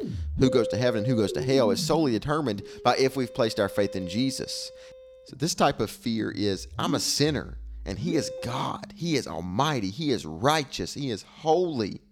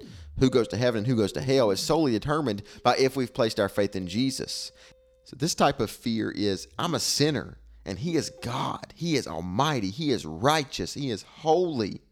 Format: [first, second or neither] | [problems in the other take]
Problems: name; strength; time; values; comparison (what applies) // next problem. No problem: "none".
second | background music; loud; throughout; 10 dB below the speech; faint in the second